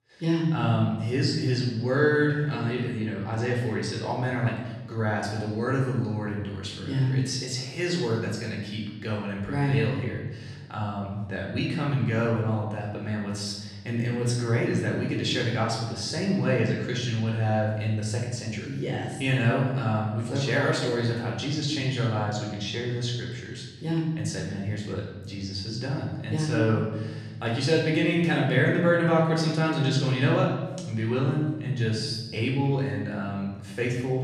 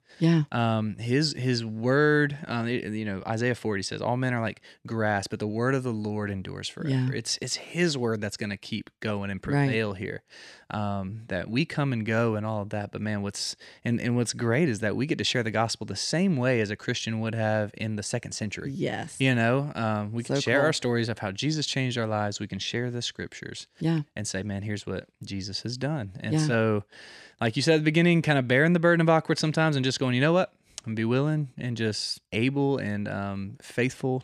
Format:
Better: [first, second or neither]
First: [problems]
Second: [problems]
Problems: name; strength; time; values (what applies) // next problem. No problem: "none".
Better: second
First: room echo; noticeable; dies away in 1.2 s // off-mic speech; far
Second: none